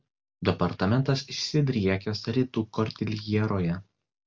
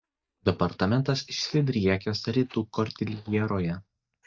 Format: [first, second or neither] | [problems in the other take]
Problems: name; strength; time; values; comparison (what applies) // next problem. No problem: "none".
first | noise reduction (neural mask model DeepFilterNet 3)